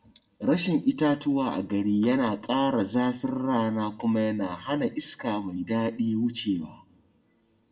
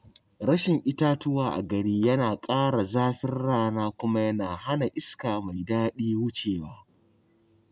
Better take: second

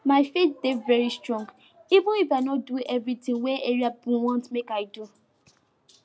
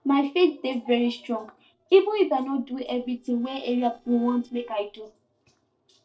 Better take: first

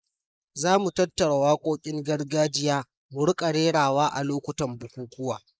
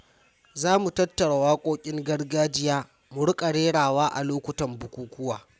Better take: second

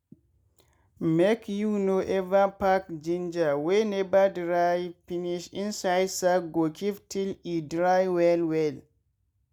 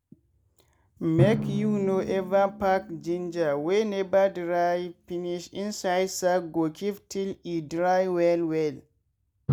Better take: first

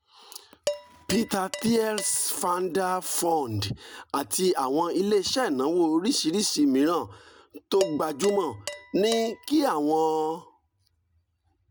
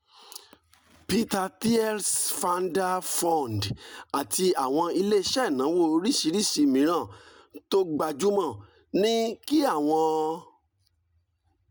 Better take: second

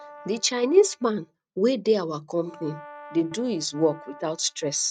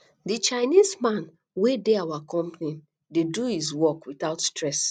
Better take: second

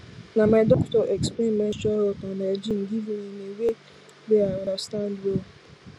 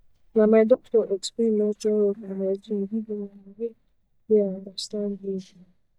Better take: first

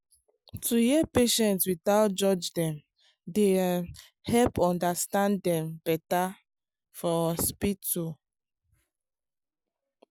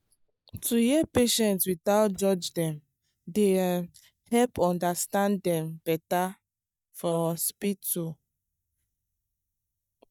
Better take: first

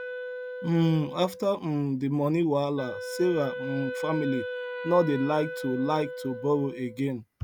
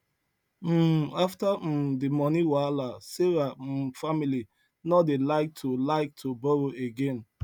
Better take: second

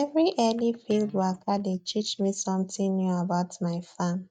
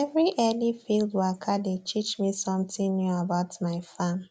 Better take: second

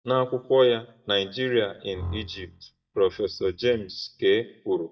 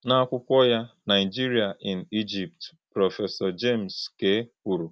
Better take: second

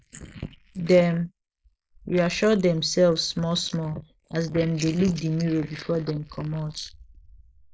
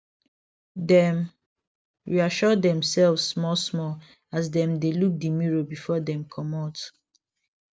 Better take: second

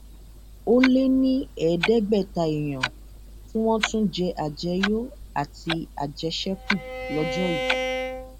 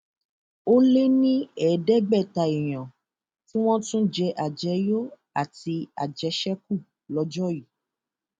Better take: second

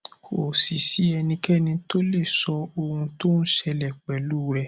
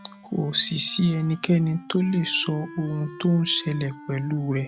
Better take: first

